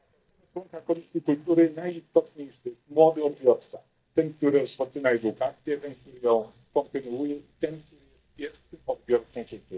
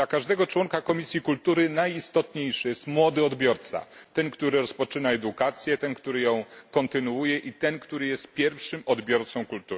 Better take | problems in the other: second | noise reduction (neural mask model DeepFilterNet 3)

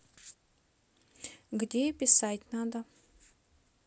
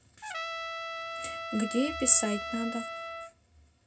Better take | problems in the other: first | background sound (Trumpet); 6 dB below the speech // room echo; dies away in 0.4 s

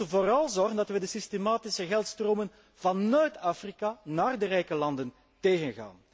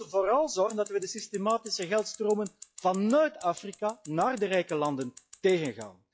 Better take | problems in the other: first | noise reduction (classical method log-MMSE)

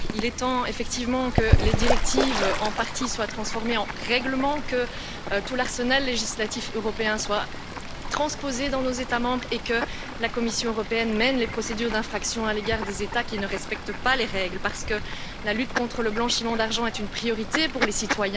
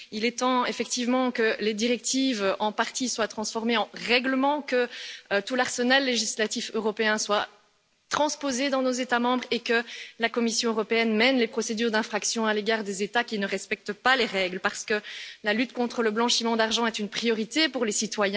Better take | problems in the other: second | background sound (Bird / Fowl); 2 dB below the speech

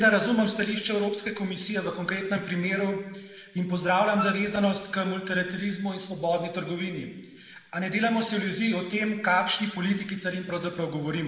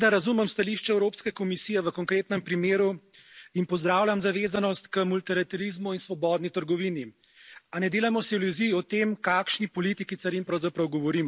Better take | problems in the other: second | background sound (Wind instrument, woodwind instrument); 8 dB below the speech // room echo; dies away in 1.2 s

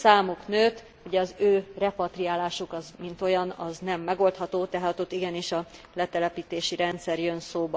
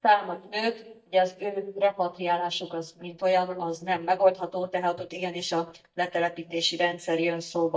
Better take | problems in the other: first | noise reduction (neural mask model DeepFilterNet 3)

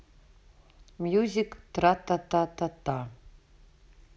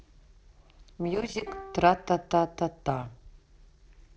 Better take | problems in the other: first | noise reduction (neural separator model SepFormer DNS4)

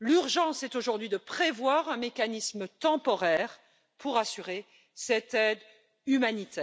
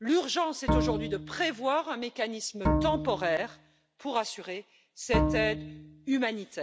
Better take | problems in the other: first | background sound (Bowed string instrument); as loud as the speech

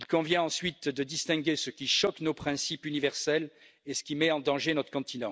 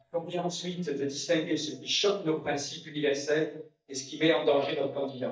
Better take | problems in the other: first | noise reduction (neural mask model DeepFilterNet 3)

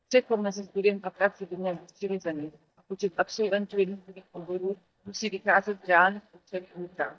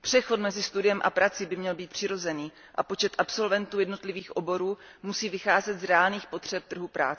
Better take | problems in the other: second | noise reduction (neural mask model DeepFilterNet 3)

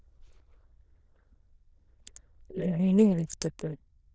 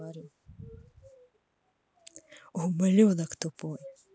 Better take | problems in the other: second | noise reduction (neural diffusion model UNIVERSE++)

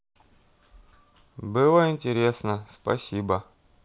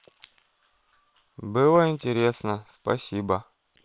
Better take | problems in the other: first | noise reduction (neural separator model SepFormer WHAM!)

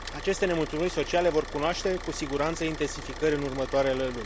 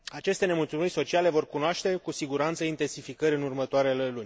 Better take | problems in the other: second | background sound (Idling / Car); 10 dB below the speech

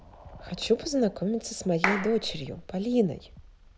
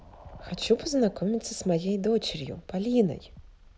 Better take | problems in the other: second | background sound (Clapping); 5 dB below the speech

